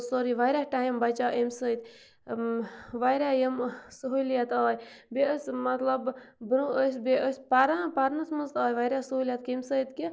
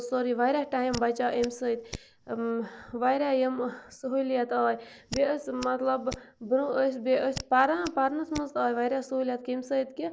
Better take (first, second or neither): first